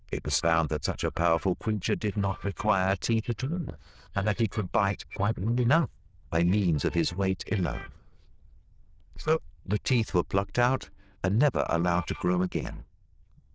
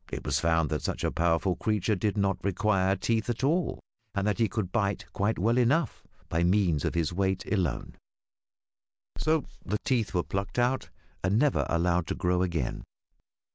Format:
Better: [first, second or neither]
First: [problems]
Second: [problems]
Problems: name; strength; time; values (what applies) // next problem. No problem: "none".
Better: second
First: noise reduction (neural diffusion model UNIVERSE++)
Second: none